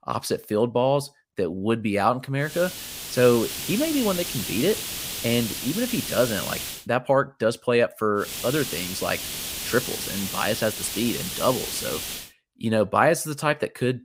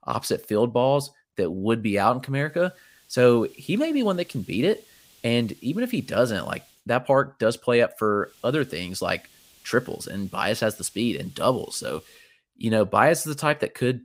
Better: second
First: hiss; loud; from 2.5 to 7 s and from 8.5 to 12 s; 5 dB below the speech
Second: hiss; faint; from 2.5 to 7 s and from 8.5 to 12 s; 30 dB below the speech

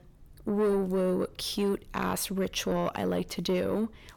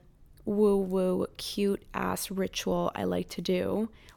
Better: second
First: distortion; slight; 10 dB below the speech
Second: none

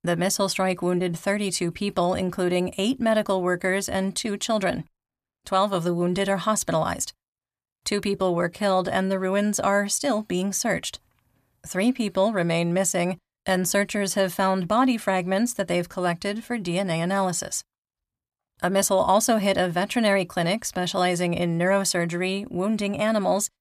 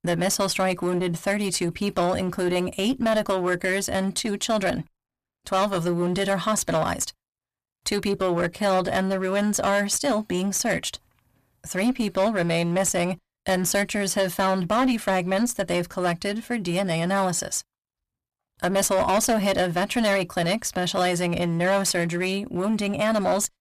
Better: first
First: none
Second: distortion; slight; 11% of the sound clipped

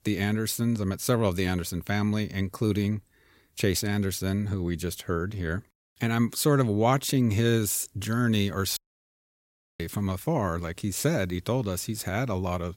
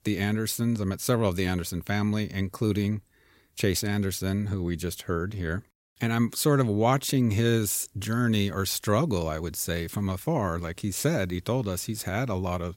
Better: second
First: audio cutting out; at 9 s for 1 s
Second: none

